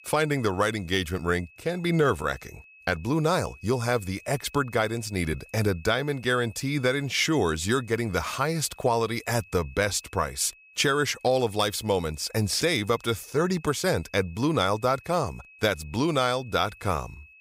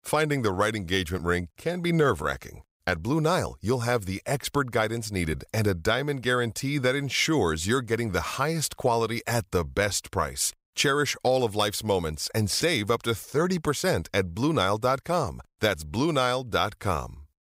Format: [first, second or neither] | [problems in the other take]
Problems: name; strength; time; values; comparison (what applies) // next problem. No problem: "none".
second | high-pitched whine; faint; throughout; 2.5 kHz, 25 dB below the speech